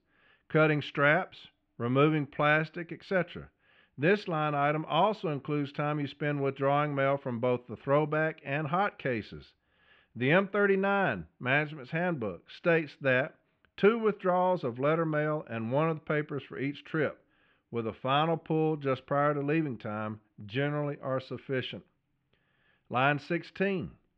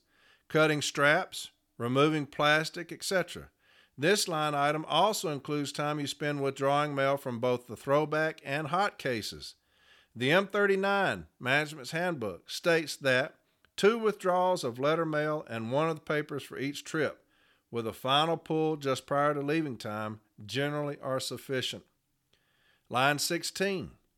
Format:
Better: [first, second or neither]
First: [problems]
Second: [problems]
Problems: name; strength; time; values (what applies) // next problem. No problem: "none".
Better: second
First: muffled; very; fading above 2.5 kHz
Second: none